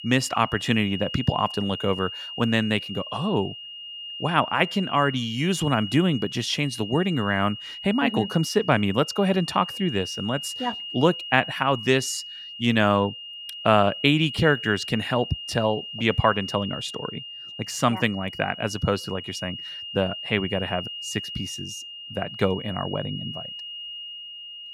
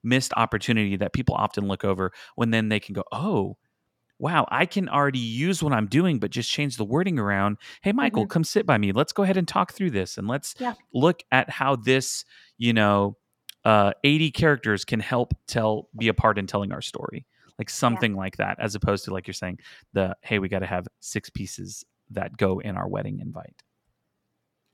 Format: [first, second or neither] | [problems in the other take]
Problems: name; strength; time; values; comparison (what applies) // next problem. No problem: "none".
second | high-pitched whine; loud; throughout; 3 kHz, 9 dB below the speech